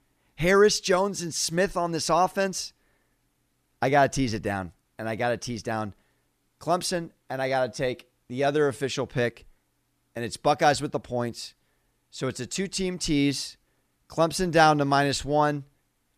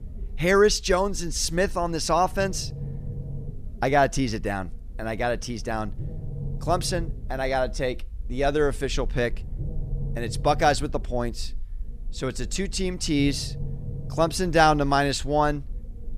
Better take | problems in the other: first | low rumble; faint; throughout; 25 dB below the speech

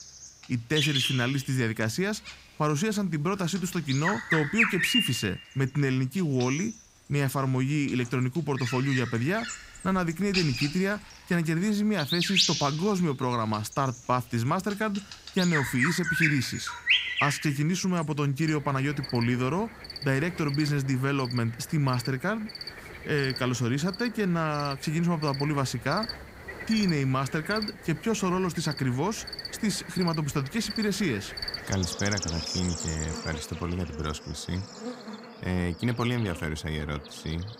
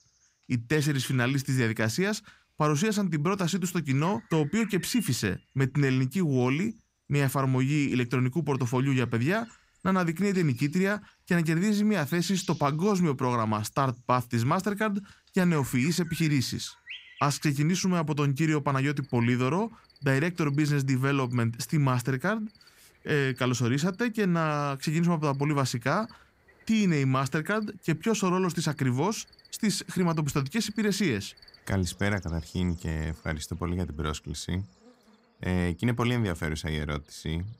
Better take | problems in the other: second | animal sounds; loud; throughout; 3 dB below the speech; faint in the second

